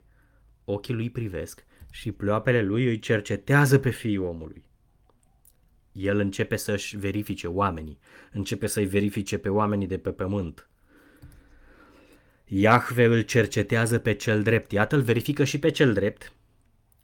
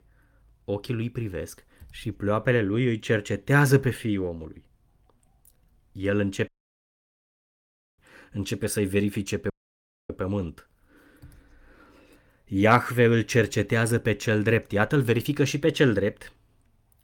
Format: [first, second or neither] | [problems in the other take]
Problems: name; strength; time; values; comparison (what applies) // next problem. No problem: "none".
first | audio cutting out; at 6.5 s for 1.5 s and at 9.5 s for 0.5 s